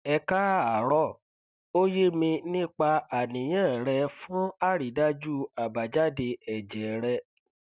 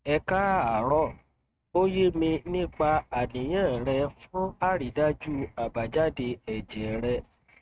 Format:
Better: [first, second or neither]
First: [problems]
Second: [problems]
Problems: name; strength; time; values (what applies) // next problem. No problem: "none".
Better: first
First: none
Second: noise reduction (neural mask model RNNoise)